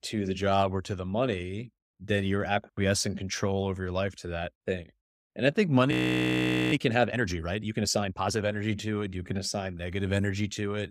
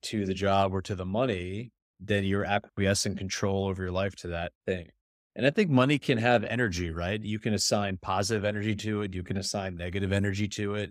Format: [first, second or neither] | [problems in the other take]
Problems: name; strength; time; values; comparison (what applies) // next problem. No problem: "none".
second | audio freezing; at 6 s for 1 s